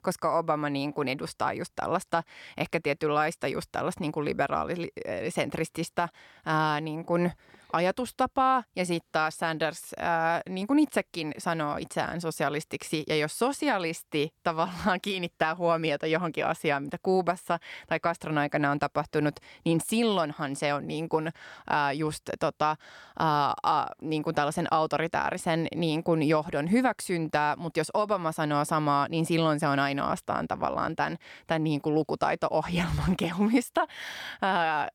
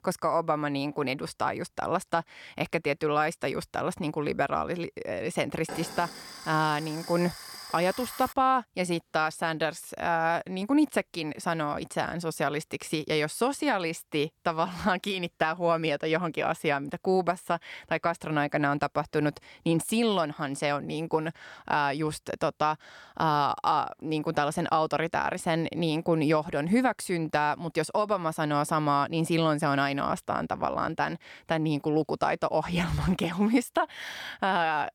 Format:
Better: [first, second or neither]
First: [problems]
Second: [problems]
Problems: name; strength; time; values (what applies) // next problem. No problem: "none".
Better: first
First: none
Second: alarm; faint; from 5.5 to 8.5 s; peak 10 dB below the speech